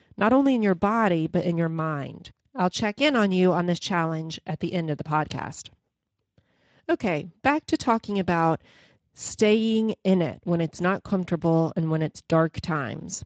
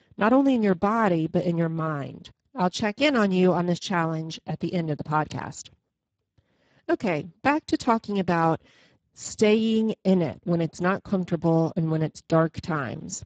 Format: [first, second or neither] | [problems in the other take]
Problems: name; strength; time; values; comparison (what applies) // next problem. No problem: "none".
first | garbled, watery; badly; nothing above 7.5 kHz; slightly in the first